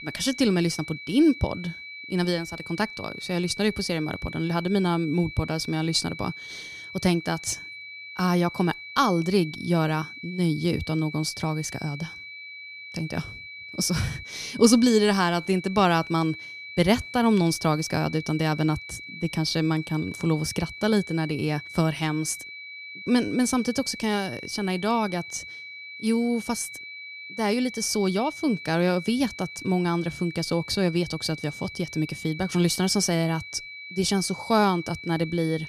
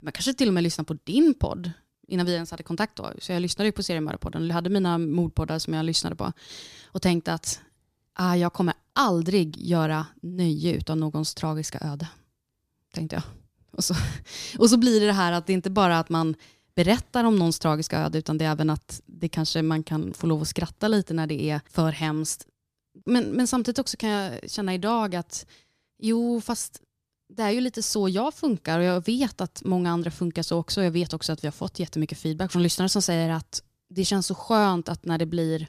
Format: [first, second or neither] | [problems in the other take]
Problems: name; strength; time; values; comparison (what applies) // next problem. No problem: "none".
second | high-pitched whine; noticeable; throughout; 2.5 kHz, 10 dB below the speech